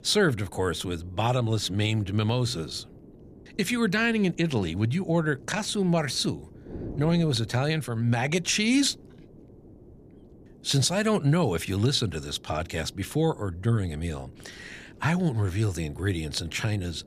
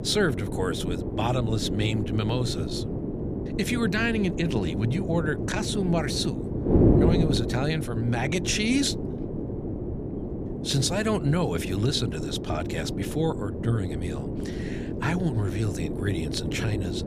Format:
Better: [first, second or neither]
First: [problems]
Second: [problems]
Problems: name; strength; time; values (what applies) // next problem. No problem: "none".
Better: first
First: wind noise on the microphone; occasional gusts; 25 dB below the speech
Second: wind noise on the microphone; heavy; 4 dB below the speech